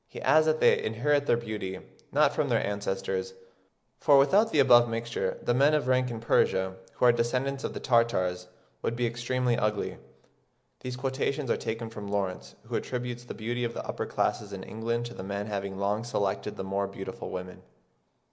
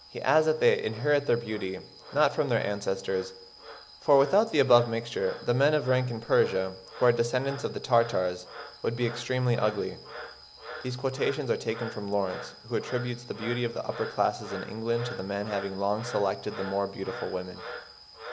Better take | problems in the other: first | background sound (Frog); 15 dB below the speech

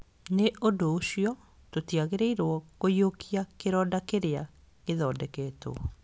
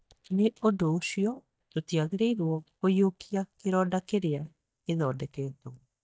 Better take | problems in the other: first | noise reduction (neural mask model DeepFilterNet 3)

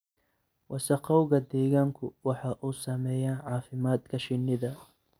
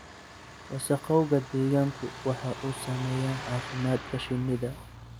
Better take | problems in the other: first | background sound (Truck); 12 dB below the speech

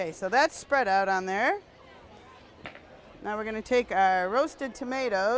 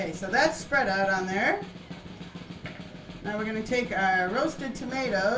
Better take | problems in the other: first | background sound (Snare drum); 14 dB below the speech // room echo; dies away in 0.3 s

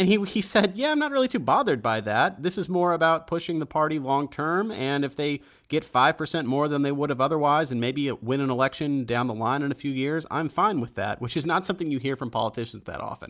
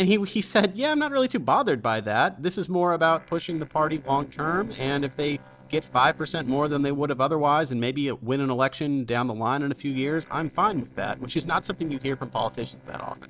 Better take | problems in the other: first | noise reduction (neural separator model SepFormer DNS4)

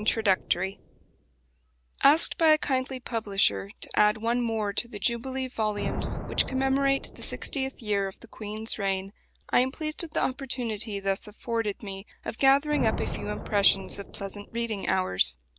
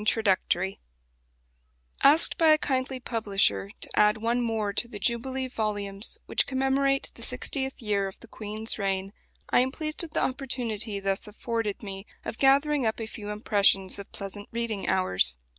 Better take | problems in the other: second | background sound (Thunder); 12 dB below the speech

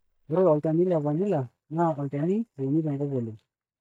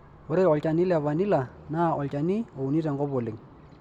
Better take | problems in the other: second | noise reduction (neural mask model DeepFilterNet 3)

